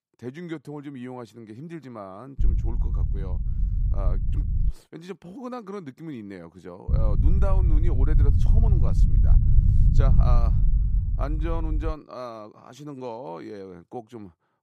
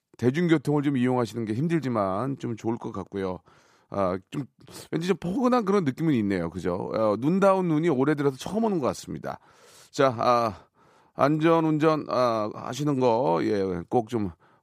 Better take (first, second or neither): second